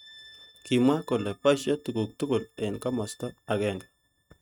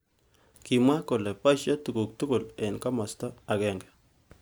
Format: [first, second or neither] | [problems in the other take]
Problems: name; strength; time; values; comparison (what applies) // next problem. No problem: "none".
second | noise reduction (neural mask model RNNoise)